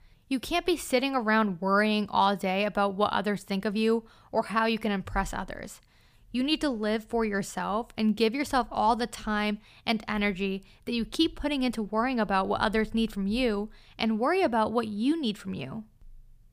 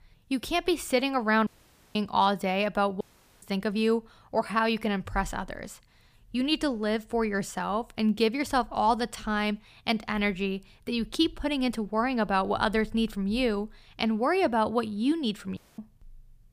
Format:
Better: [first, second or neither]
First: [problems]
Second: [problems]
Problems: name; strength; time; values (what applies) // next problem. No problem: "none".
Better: first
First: none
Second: audio cutting out; at 1.5 s, at 3 s and at 16 s